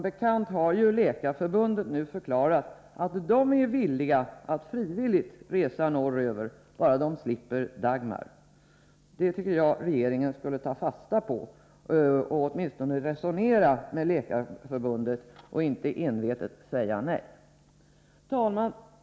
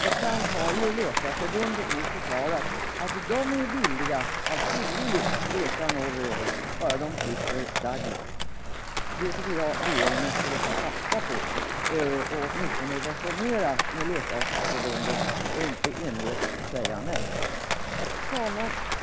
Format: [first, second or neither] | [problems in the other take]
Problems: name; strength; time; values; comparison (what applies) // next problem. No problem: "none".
first | background sound (Applause / Crowd + Skateboard); 3 dB above the speech